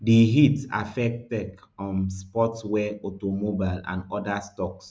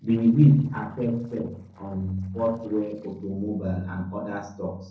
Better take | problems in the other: first | noise reduction (neural separator model SepFormer DNS4)

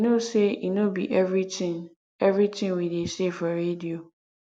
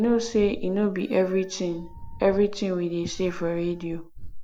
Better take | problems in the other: first | background sound (Meow); 12 dB below the speech

